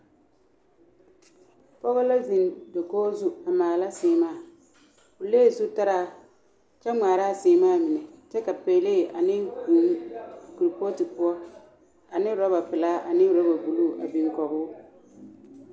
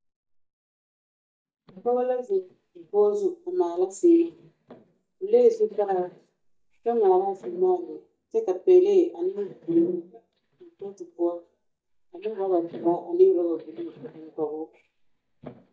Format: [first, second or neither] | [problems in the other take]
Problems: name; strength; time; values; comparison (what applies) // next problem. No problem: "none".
first | noise reduction (neural mask model DeepFilterNet 3)